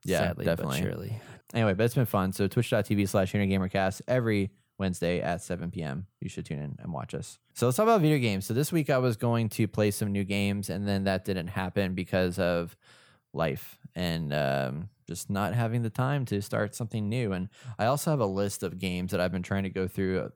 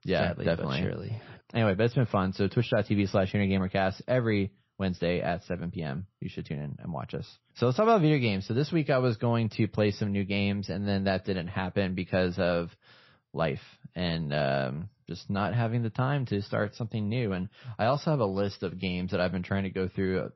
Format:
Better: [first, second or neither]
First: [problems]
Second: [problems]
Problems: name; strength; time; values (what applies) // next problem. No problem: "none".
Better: first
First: none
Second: garbled, watery; slightly; nothing above 5.5 kHz